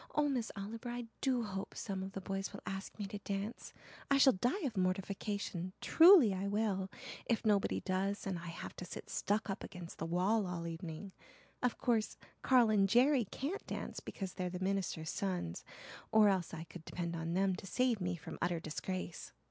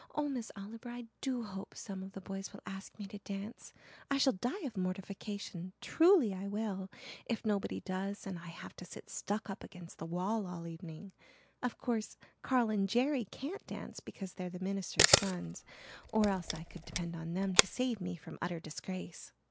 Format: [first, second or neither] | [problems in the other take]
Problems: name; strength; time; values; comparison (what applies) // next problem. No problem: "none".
first | background sound (Camera); 2 dB above the speech